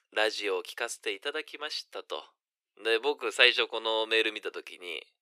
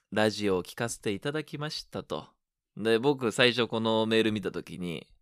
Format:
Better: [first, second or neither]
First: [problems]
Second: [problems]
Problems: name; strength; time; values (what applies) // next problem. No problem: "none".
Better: second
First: thin; very; fading below 350 Hz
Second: none